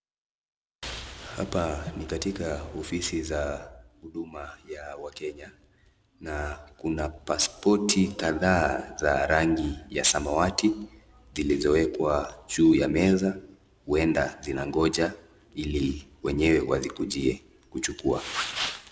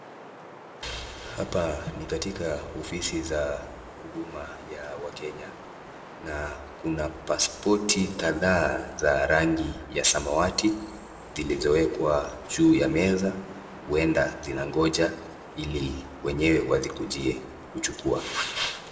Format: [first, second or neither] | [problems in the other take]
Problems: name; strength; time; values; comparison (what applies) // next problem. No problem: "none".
first | background sound (Wind); 17 dB below the speech // room echo; dies away in 1.2 s